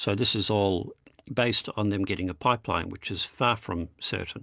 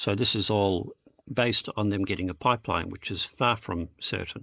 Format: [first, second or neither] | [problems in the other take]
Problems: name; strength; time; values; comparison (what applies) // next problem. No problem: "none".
first | noise reduction (neural mask model Resemble Enhance denoiser)